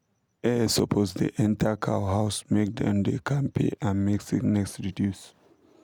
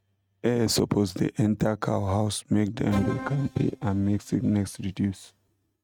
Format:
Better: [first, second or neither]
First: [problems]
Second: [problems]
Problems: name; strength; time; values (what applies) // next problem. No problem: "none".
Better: first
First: none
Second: noise reduction (neural mask model RNNoise)